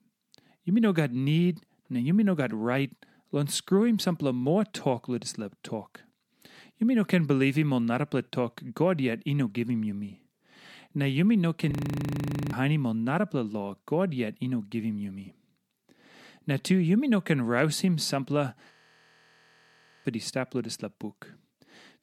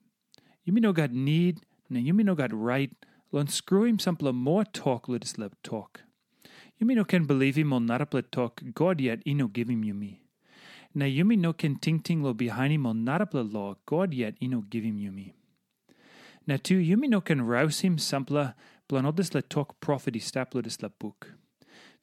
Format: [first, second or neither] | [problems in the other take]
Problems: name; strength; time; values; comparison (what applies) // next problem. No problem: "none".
second | audio freezing; at 12 s for 1 s and at 19 s for 1.5 s